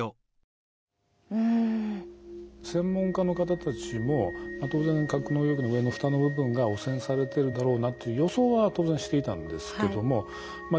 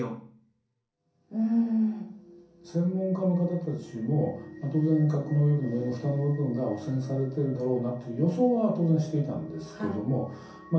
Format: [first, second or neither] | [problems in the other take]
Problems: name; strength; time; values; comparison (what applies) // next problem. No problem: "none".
first | room echo; dies away in 0.6 s